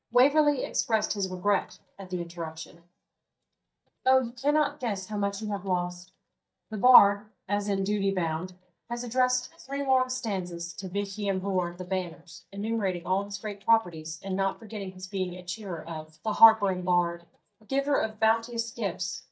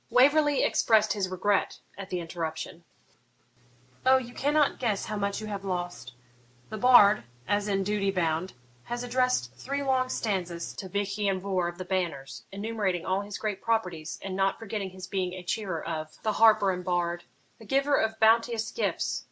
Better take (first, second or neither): second